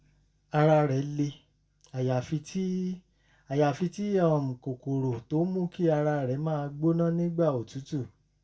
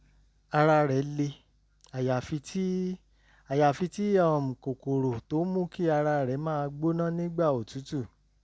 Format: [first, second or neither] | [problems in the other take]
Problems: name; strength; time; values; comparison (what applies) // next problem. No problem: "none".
second | room echo; dies away in 0.2 s